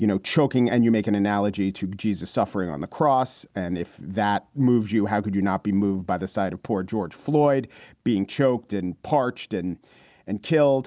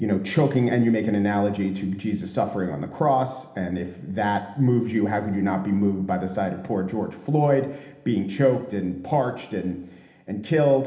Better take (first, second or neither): first